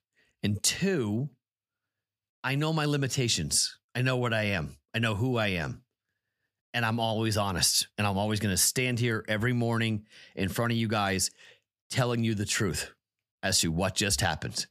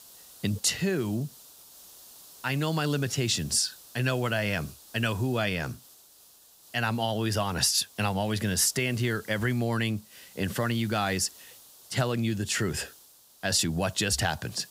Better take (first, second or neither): first